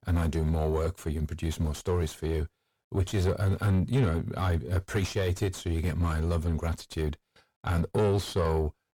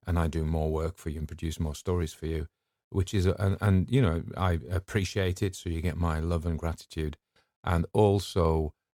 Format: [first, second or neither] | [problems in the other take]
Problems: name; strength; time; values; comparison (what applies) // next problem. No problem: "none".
second | distortion; heavy; 6 dB below the speech